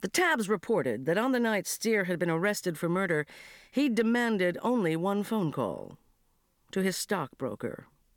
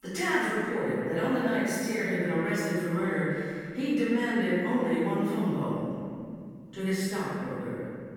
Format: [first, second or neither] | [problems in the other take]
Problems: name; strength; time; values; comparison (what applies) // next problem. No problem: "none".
first | off-mic speech; far // room echo; strong; dies away in 2.4 s